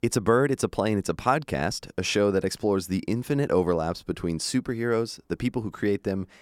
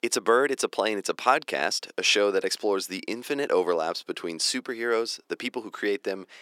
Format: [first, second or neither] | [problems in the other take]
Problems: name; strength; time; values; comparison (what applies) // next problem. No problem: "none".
first | thin; somewhat; fading below 350 Hz